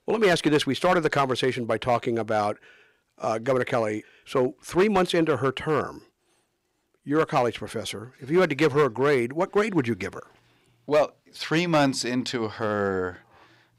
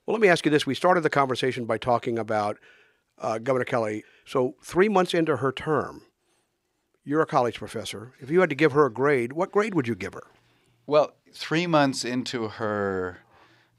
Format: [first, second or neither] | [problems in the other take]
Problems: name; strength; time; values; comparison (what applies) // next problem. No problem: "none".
second | distortion; slight; 3% of the sound clipped